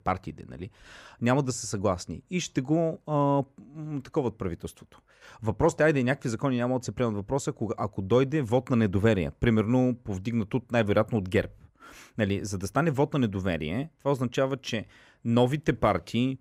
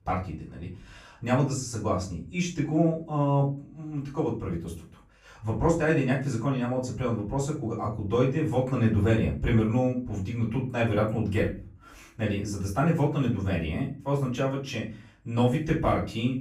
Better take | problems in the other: first | off-mic speech; far // room echo; slight; dies away in 0.3 s

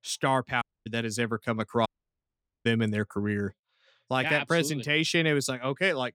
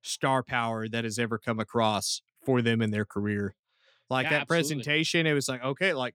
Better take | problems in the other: second | audio cutting out; at 0.5 s and at 2 s for 1 s

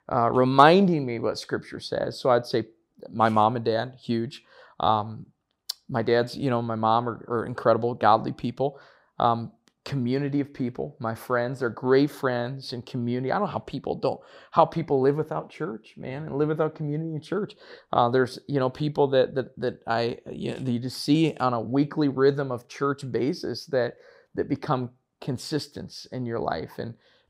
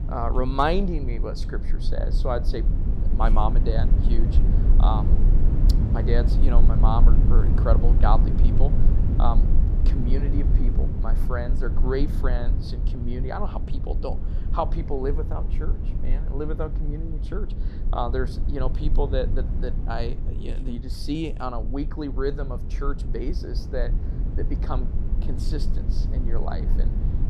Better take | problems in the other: first | low rumble; loud; throughout; 9 dB below the speech

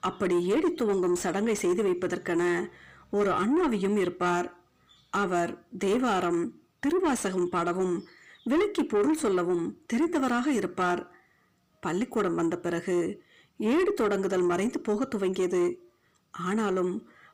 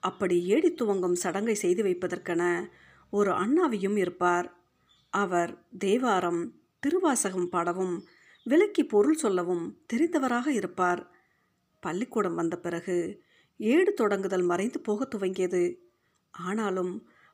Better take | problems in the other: second | distortion; slight; 10 dB below the speech

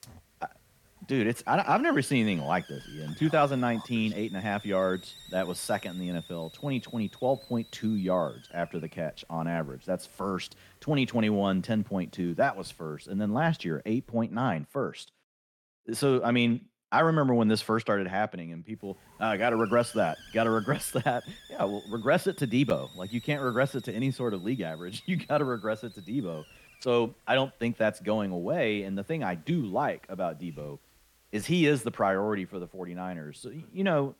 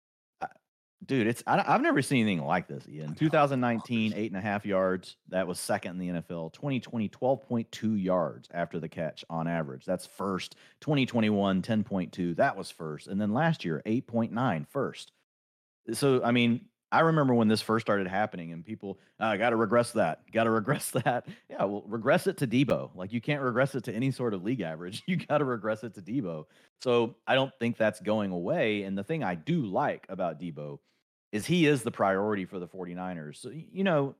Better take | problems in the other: second | hiss; faint; until 14 s and from 19 s on; 20 dB below the speech

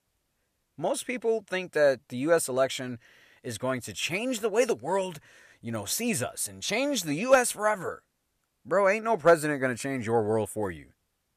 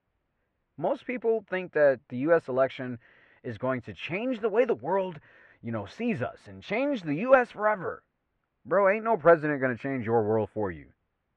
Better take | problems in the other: first | muffled; very; fading above 2 kHz

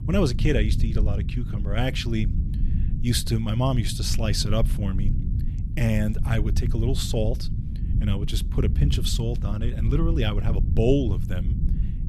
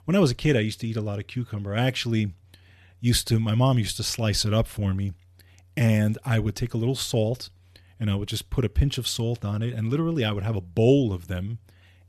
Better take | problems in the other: second | low rumble; noticeable; throughout; 10 dB below the speech

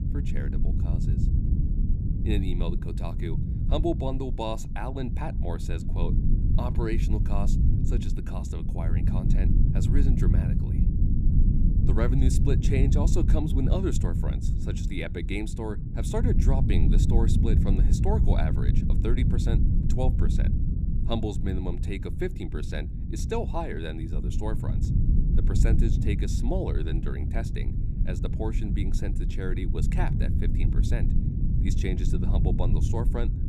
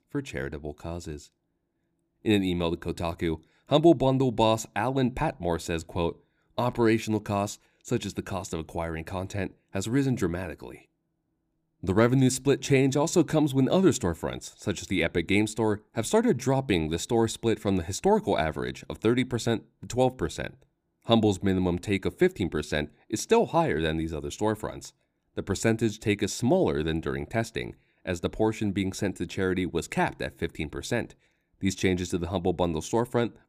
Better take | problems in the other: second | low rumble; loud; throughout; 4 dB below the speech

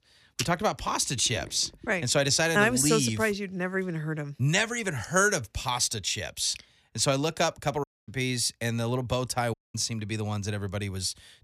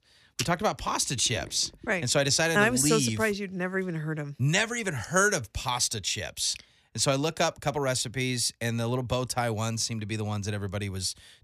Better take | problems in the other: second | audio cutting out; at 8 s and at 9.5 s

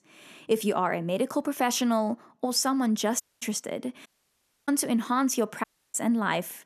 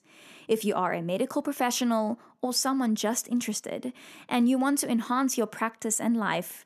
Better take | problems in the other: second | audio cutting out; at 3 s, at 4 s for 0.5 s and at 5.5 s

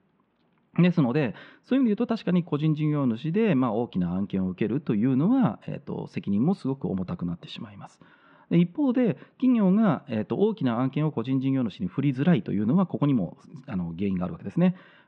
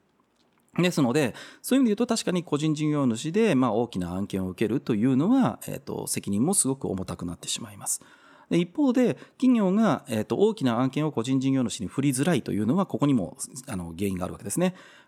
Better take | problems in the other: second | muffled; very; fading above 3.5 kHz

